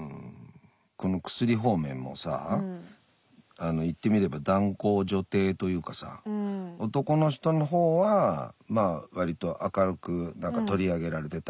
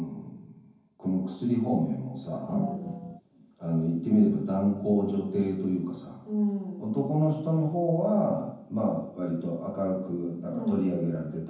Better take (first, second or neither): first